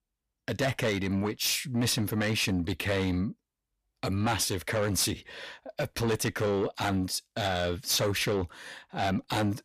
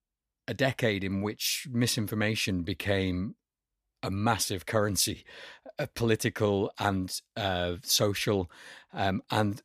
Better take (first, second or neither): second